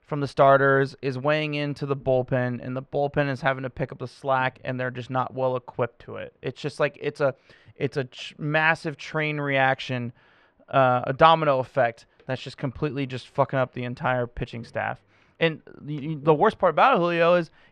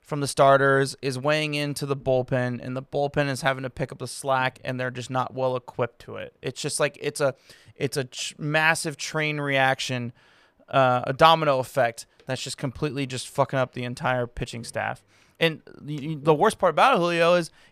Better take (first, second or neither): second